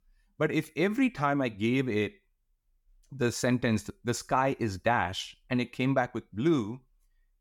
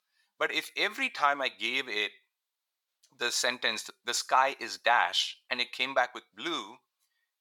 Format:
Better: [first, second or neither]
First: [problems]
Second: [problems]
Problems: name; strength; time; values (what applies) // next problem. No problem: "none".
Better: first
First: none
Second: thin; very; fading below 900 Hz